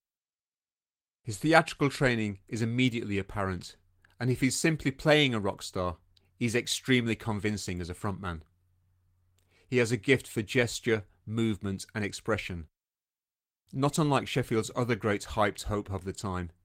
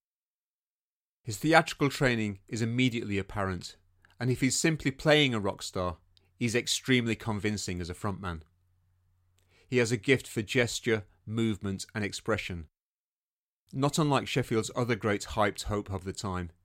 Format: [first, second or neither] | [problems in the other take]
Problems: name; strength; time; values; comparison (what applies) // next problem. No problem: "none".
second | garbled, watery; slightly; nothing above 16 kHz